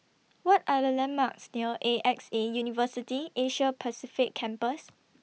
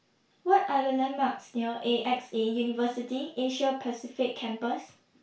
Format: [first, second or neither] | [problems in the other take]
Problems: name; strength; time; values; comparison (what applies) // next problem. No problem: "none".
first | room echo; dies away in 0.2 s